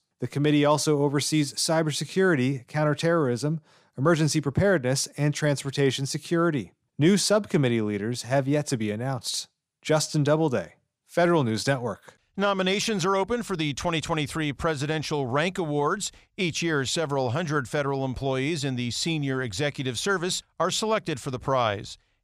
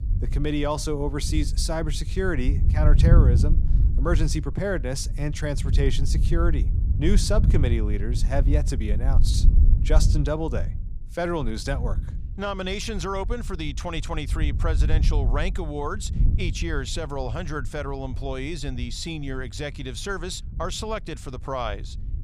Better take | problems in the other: first | wind noise on the microphone; occasional gusts; 10 dB below the speech

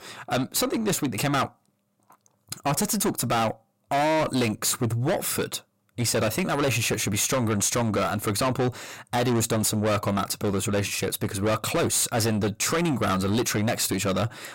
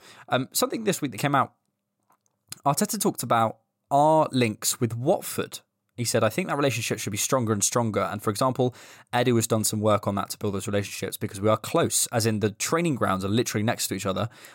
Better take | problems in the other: second | distortion; heavy; 6 dB below the speech

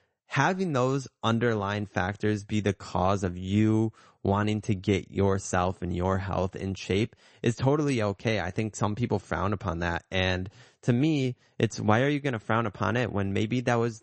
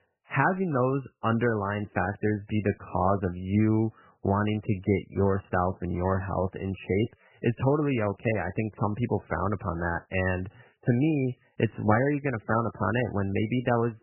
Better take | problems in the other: first | garbled, watery; badly; nothing above 3 kHz; slightly in the first

